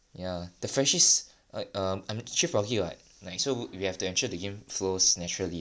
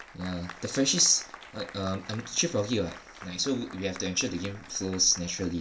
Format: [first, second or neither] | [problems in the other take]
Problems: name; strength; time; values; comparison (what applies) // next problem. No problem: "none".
first | background sound (Applause); 17 dB below the speech // room echo; dies away in 0.2 s